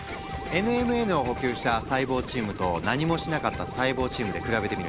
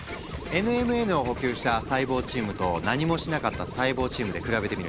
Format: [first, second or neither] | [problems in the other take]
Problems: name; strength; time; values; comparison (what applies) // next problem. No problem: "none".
second | background sound (Wind instrument, woodwind instrument); 14 dB below the speech